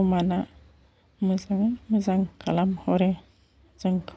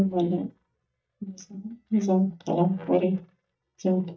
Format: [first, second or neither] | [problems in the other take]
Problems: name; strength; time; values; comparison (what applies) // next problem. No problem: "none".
first | noise reduction (neural mask model DeepFilterNet 3)